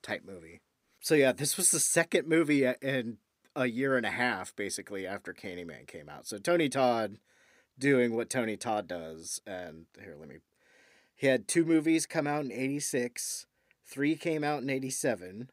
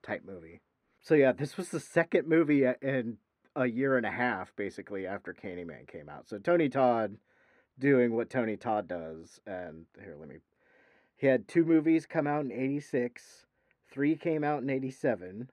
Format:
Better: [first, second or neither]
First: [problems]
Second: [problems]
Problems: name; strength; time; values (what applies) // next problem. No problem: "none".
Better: first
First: none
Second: muffled; very; fading above 4 kHz